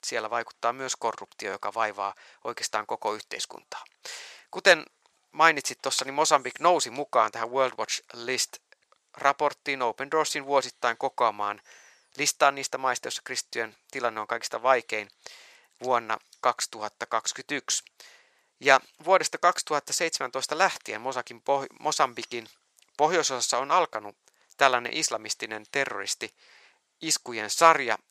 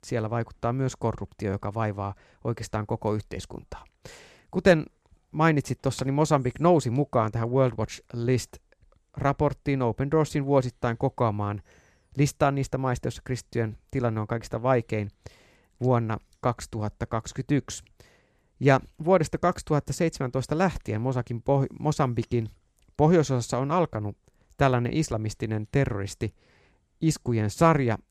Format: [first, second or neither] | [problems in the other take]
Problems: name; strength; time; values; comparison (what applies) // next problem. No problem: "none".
second | thin; very; fading below 800 Hz